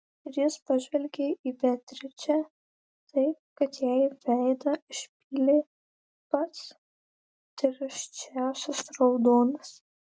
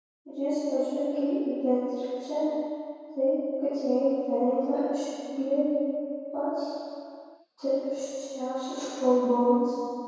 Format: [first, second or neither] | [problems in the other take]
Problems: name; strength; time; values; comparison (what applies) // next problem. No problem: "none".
first | room echo; dies away in 2.2 s